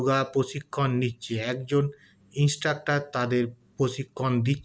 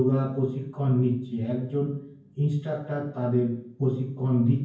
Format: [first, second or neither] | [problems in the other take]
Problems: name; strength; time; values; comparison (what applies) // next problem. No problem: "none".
first | room echo; dies away in 0.9 s